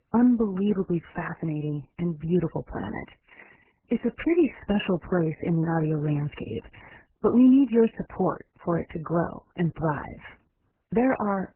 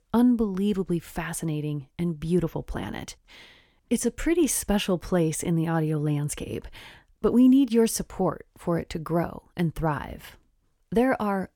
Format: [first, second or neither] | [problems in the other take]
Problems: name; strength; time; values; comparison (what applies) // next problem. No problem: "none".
second | garbled, watery; badly; nothing above 3 kHz